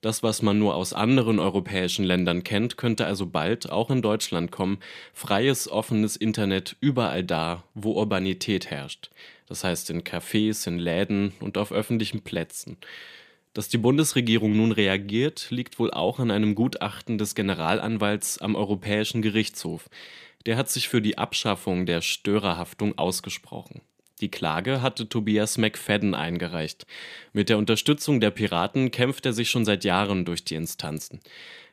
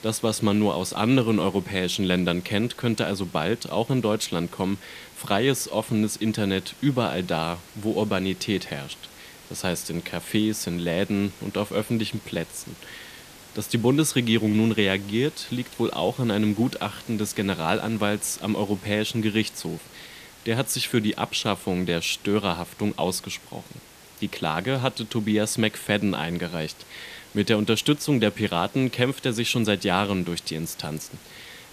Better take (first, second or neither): first